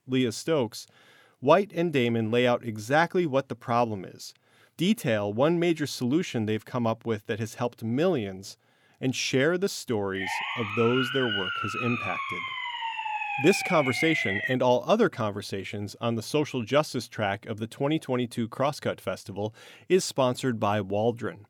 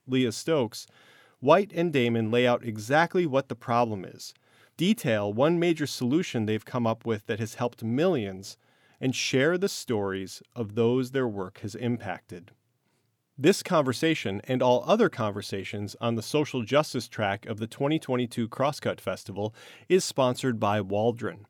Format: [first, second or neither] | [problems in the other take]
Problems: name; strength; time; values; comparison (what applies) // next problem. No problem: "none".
second | siren; loud; from 10 to 15 s; peak level with the speech